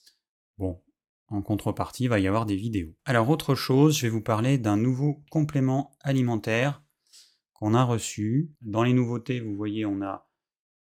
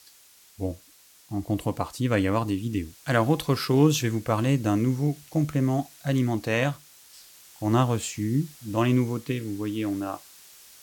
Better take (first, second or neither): first